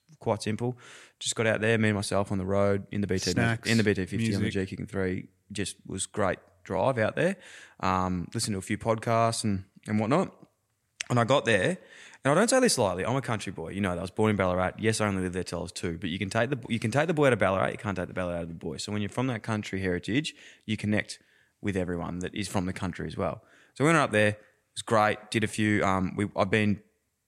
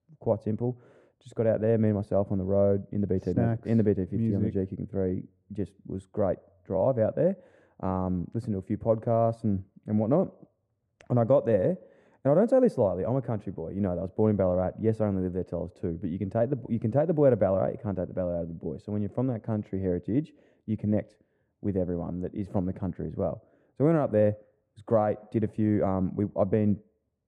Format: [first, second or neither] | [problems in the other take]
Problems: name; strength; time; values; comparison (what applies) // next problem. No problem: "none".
first | muffled; very; fading above 1.5 kHz